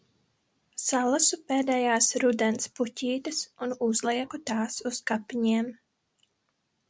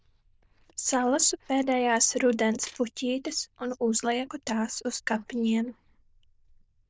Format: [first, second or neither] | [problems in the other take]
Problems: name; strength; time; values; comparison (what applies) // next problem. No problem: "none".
first | noise reduction (neural diffusion model UNIVERSE++)